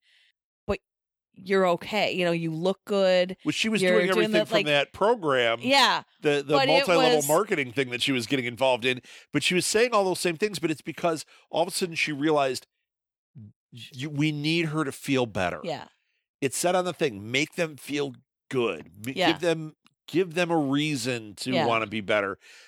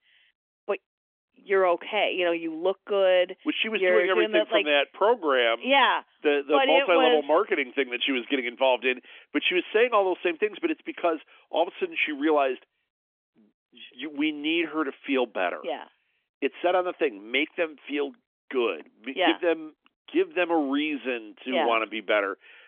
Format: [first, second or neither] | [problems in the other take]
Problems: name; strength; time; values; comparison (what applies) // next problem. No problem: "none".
first | phone-call audio; nothing above 3.5 kHz